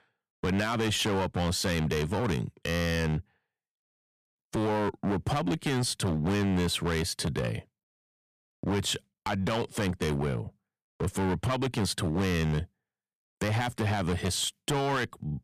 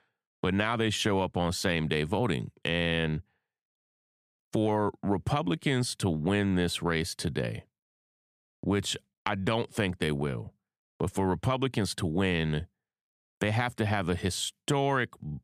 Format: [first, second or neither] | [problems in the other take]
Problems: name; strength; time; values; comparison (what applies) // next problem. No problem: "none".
second | distortion; heavy; 14% of the sound clipped